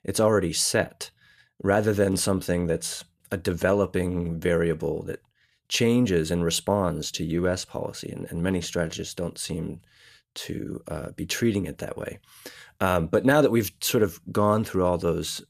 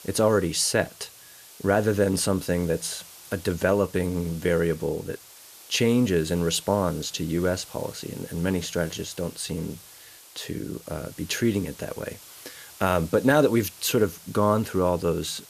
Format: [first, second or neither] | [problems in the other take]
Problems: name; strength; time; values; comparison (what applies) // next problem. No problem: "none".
first | hiss; noticeable; throughout; 20 dB below the speech